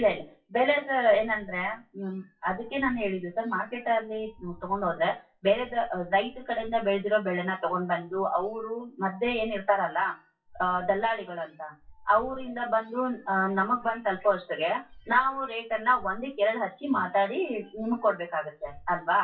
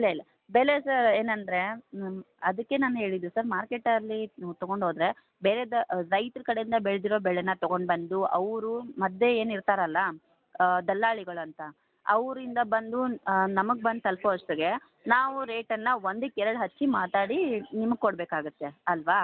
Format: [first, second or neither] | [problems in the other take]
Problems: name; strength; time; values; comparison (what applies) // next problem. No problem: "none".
second | noise reduction (classical method WPE with log-MMSE)